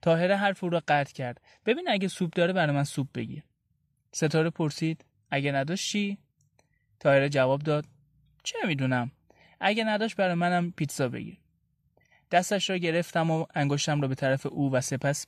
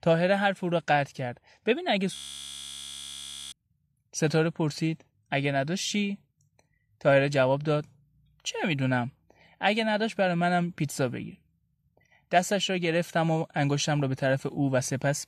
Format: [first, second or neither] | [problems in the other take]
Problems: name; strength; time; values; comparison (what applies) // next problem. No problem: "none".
first | audio freezing; at 2 s for 1.5 s